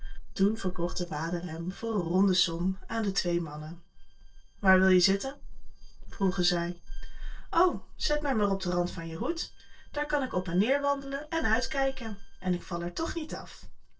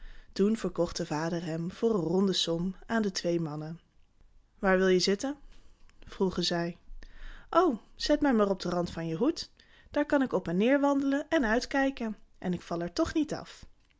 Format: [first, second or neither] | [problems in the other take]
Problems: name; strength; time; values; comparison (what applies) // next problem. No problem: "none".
second | noise reduction (neural separator model SepFormer DNS4)